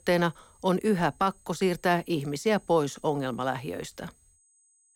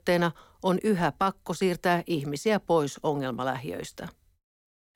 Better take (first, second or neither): second